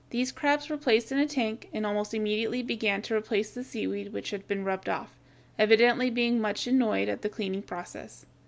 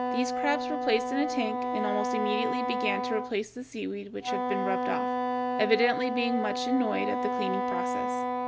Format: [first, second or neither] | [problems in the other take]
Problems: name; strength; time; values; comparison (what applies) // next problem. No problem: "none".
first | background sound (Wind instrument, woodwind instrument); 1 dB above the speech